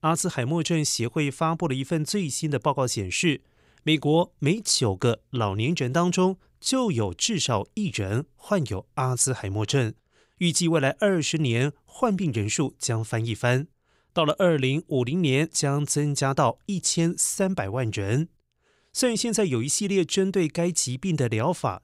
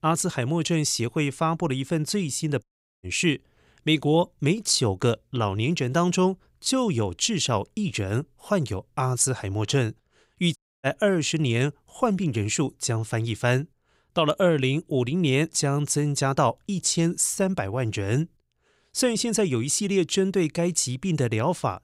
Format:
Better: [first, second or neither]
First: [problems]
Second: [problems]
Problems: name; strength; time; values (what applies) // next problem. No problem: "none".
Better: first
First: none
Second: audio cutting out; at 2.5 s and at 11 s